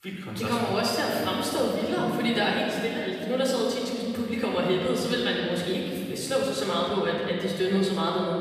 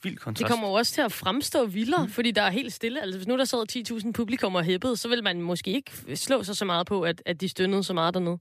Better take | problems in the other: second | room echo; noticeable; dies away in 2.4 s // off-mic speech; far

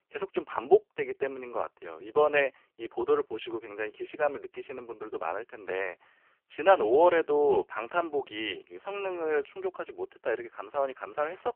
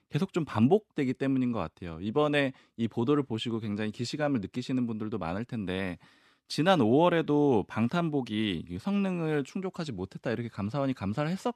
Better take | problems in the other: second | phone-call audio; poor line; nothing above 3 kHz

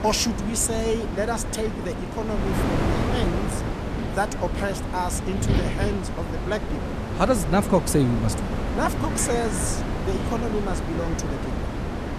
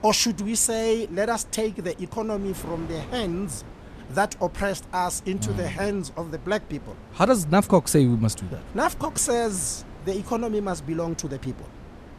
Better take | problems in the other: second | wind noise on the microphone; heavy; 4 dB below the speech; occasional gusts in the second

